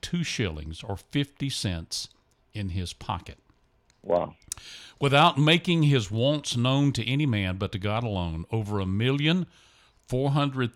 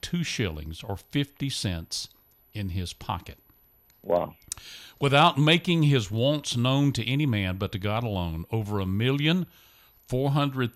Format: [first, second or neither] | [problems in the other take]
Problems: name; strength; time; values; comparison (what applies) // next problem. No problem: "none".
first | high-pitched whine; faint; throughout; 12 kHz, 35 dB below the speech